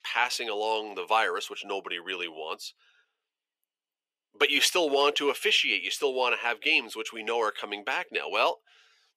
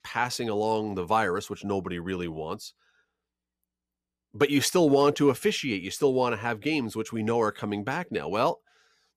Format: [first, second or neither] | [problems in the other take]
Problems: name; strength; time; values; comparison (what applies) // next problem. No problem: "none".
second | thin; somewhat; fading below 450 Hz